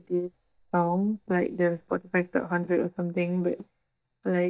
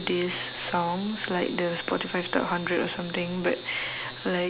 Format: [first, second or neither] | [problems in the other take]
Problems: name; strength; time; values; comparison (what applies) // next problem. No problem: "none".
second | noise reduction (neural mask model DeepFilterNet 3)